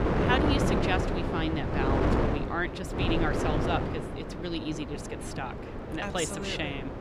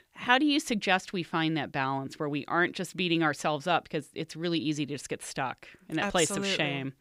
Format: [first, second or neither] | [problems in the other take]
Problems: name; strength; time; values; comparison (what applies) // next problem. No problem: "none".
second | wind noise on the microphone; heavy; as loud as the speech